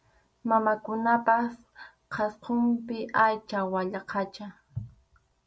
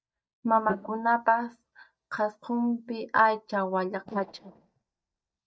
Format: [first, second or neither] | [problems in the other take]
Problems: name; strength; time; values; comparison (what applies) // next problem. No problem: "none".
first | noise reduction (neural mask model DeepFilterNet 3)